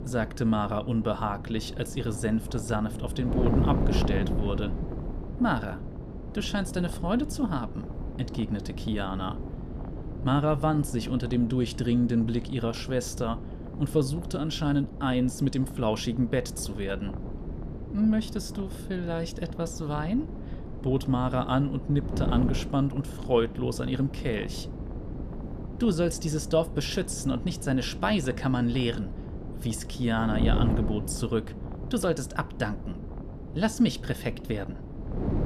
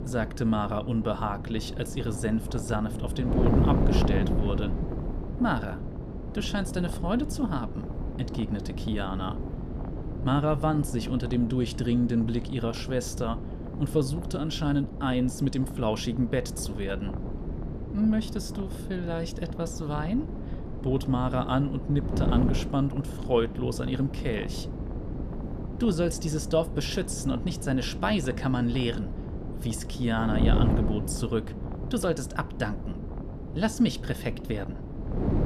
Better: first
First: wind noise on the microphone; occasional gusts; 10 dB below the speech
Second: wind noise on the microphone; heavy; 8 dB below the speech

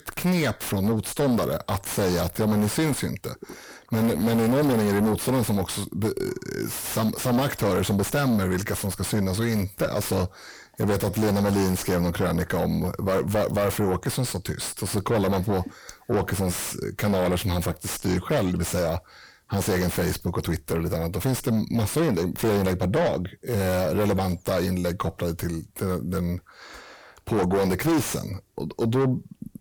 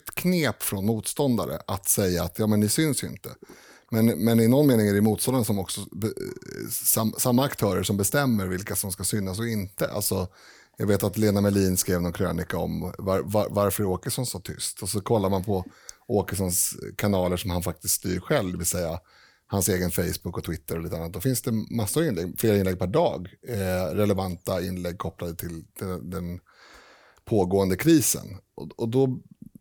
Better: second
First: distortion; heavy; 5 dB below the speech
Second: none

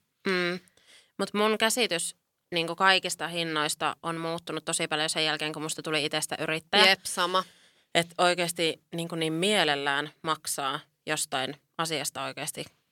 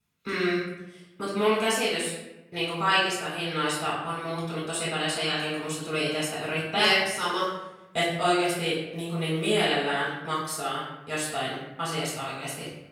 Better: first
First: none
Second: off-mic speech; far // room echo; noticeable; dies away in 0.9 s

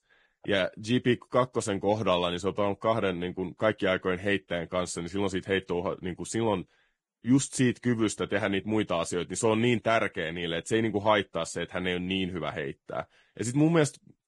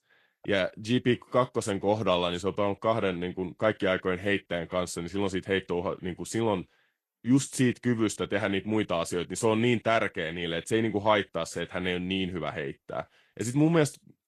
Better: second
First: garbled, watery; badly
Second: garbled, watery; slightly

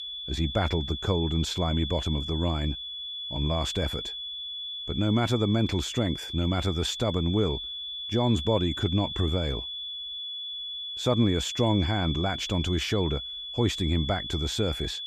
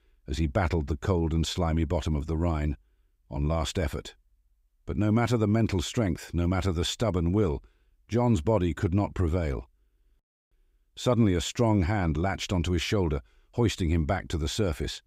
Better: second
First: high-pitched whine; loud; throughout; 3.5 kHz, 6 dB below the speech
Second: none

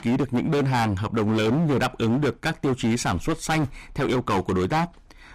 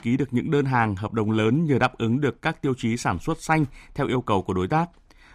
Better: second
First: distortion; heavy; 22% of the sound clipped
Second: none

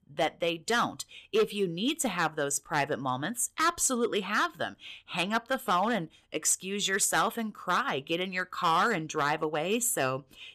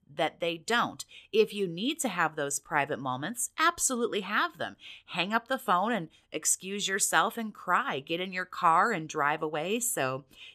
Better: second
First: distortion; slight; 4% of the sound clipped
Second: none

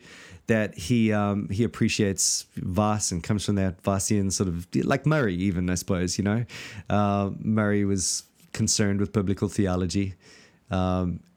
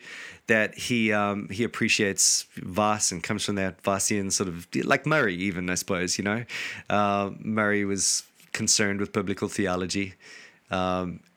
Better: first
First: none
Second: thin; very slightly; fading below 750 Hz

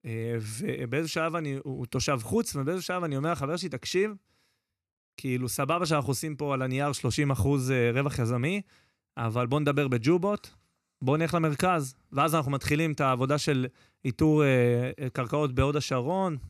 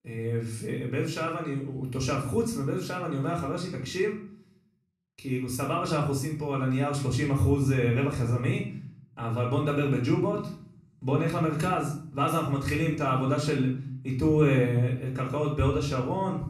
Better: first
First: none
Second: off-mic speech; far // room echo; noticeable; dies away in 0.6 s

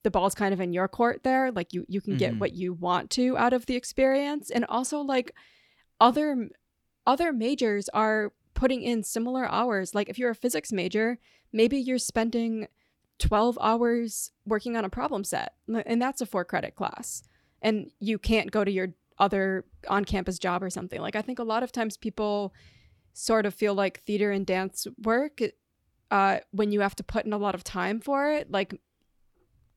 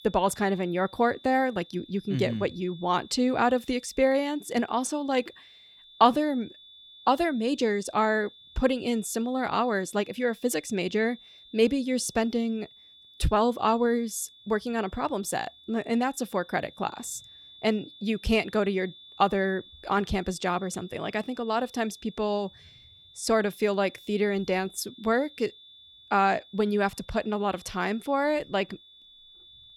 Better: first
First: none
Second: high-pitched whine; faint; throughout; 3.5 kHz, 20 dB below the speech

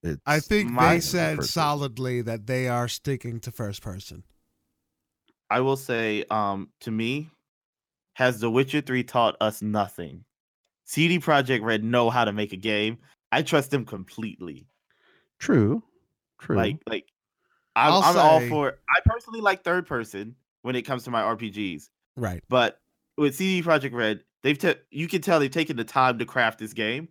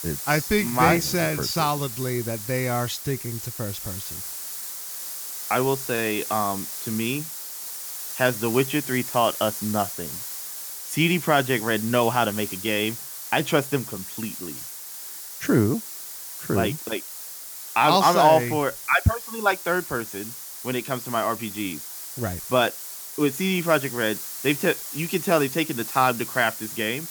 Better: first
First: none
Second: hiss; loud; throughout; 8 dB below the speech

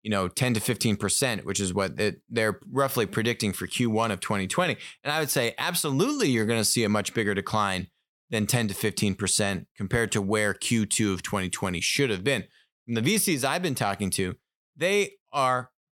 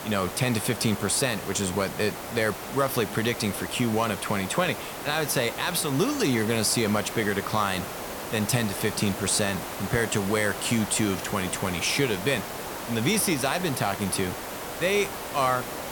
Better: first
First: none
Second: hiss; loud; throughout; 8 dB below the speech

